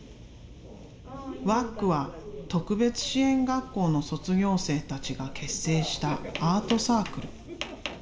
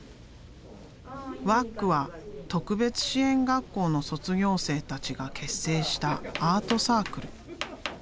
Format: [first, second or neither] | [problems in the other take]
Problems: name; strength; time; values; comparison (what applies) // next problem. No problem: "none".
second | room echo; dies away in 0.6 s